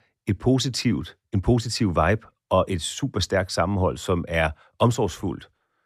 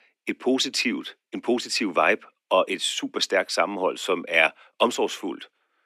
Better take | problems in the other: first | thin; somewhat; fading below 250 Hz

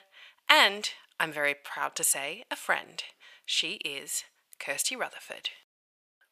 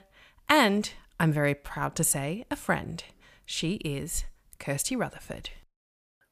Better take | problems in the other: second | thin; very; fading below 600 Hz

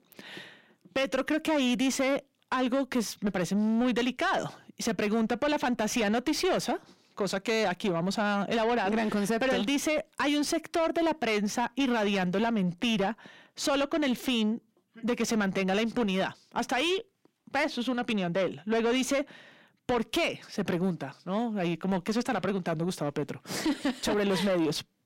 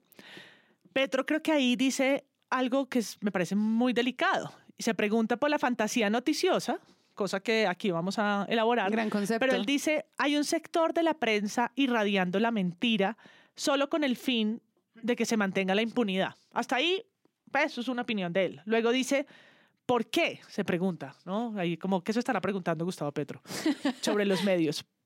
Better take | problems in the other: second | distortion; slight; 10 dB below the speech

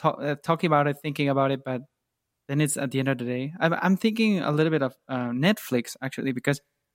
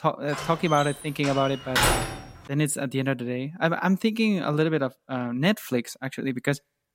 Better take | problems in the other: first | door banging; loud; until 2 s; peak 5 dB above the speech

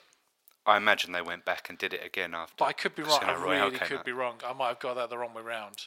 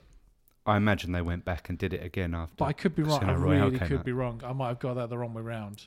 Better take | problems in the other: second | thin; very; fading below 700 Hz

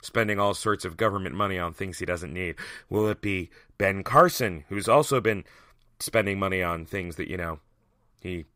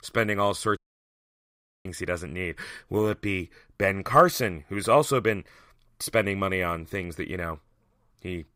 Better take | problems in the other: first | audio cutting out; at 1 s for 1 s

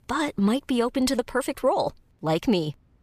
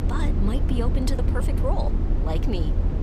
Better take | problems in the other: first | low rumble; loud; throughout; 4 dB below the speech

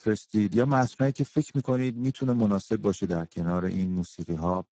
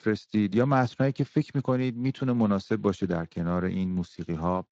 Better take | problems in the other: second | garbled, watery; badly; nothing above 7.5 kHz; slightly in the second

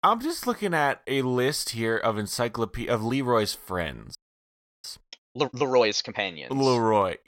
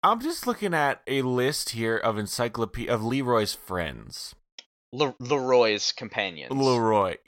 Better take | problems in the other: second | audio freezing; at 4 s for 0.5 s

